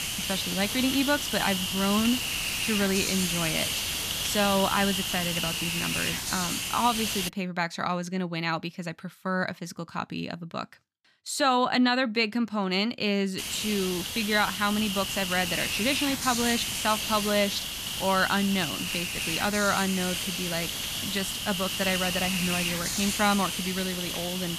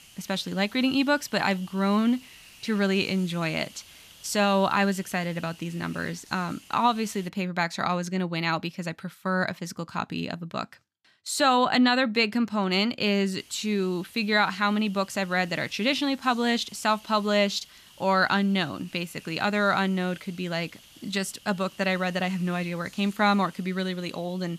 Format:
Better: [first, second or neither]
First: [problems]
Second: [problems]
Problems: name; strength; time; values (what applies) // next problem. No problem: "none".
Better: second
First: hiss; loud; until 7.5 s and from 13 s on; 1 dB below the speech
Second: hiss; faint; until 7.5 s and from 13 s on; 25 dB below the speech